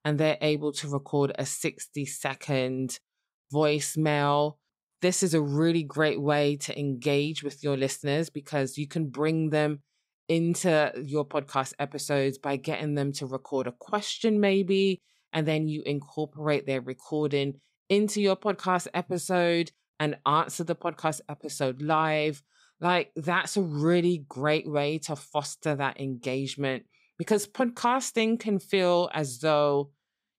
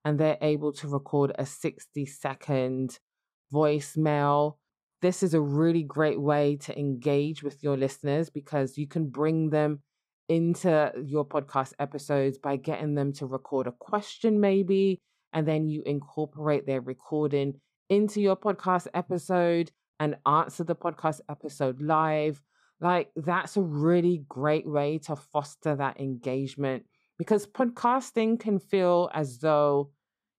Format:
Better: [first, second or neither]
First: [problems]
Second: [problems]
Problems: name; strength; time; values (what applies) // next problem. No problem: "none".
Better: first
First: none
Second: muffled; slightly; fading above 1.5 kHz